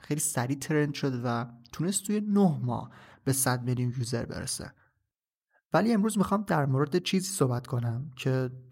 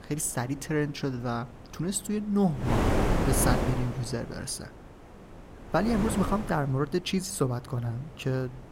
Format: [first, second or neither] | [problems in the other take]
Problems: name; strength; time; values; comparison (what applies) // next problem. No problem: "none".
first | wind noise on the microphone; heavy; as loud as the speech